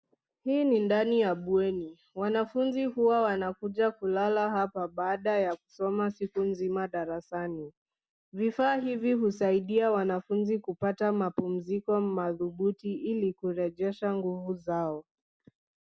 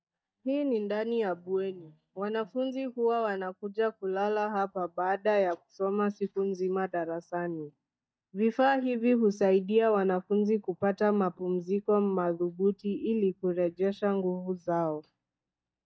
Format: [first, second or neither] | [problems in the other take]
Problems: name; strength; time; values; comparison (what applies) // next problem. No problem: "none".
first | noise reduction (neural mask model DeepFilterNet 3)